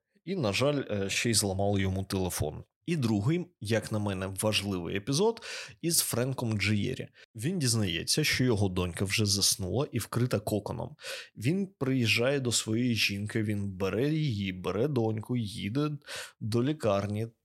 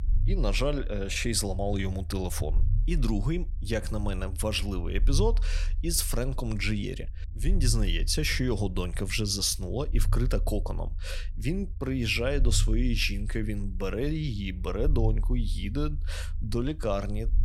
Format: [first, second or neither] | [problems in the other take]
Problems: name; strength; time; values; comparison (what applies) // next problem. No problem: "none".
first | low rumble; faint; throughout; 20 dB below the speech